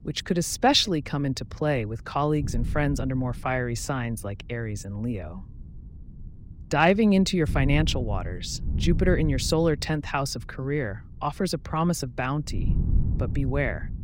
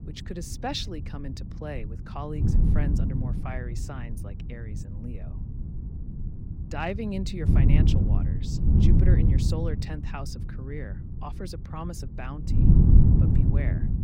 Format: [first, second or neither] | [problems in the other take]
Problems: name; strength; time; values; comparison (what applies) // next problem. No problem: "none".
first | wind noise on the microphone; heavy; 2 dB above the speech; occasional gusts in the first